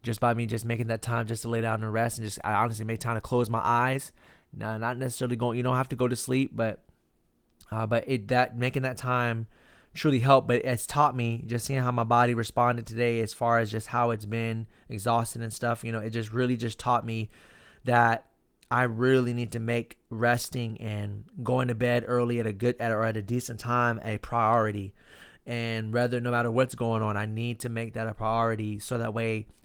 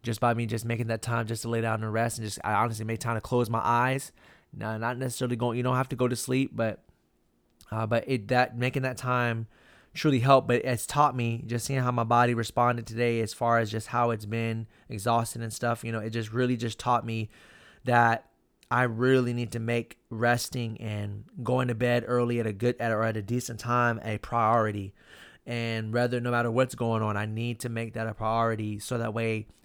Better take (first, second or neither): second